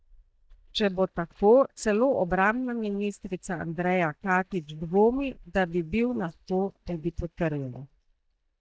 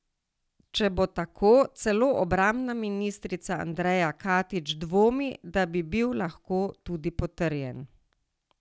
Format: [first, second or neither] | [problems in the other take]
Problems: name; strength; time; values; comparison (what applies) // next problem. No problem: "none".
second | noise reduction (neural mask model DeepFilterNet 3)